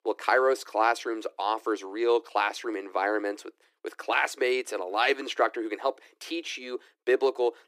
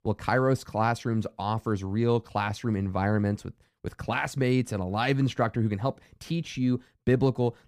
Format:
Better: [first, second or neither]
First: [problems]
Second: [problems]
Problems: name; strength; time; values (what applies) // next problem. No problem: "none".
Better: second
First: thin; very; fading below 300 Hz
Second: none